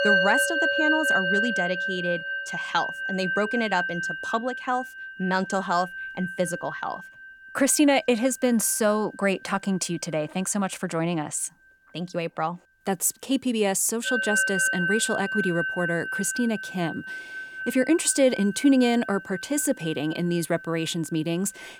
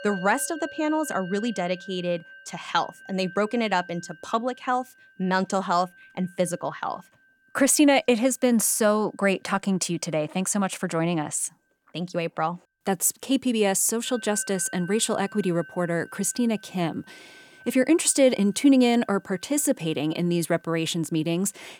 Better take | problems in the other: second | background music; loud; throughout; 2 dB below the speech; faint in the second

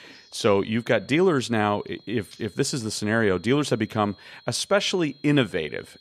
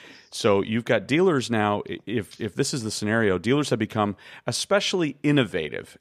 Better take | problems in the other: second | high-pitched whine; faint; throughout; 4 kHz, 30 dB below the speech

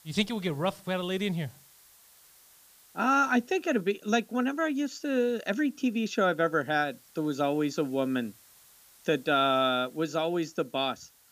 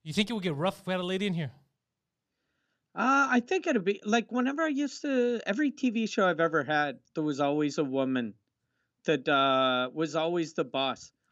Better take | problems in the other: second | hiss; faint; throughout; 25 dB below the speech

